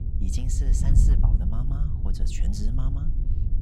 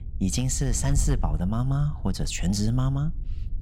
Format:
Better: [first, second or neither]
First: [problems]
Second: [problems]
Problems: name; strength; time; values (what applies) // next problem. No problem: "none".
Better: second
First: wind noise on the microphone; heavy; 1 dB below the speech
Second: wind noise on the microphone; occasional gusts; 20 dB below the speech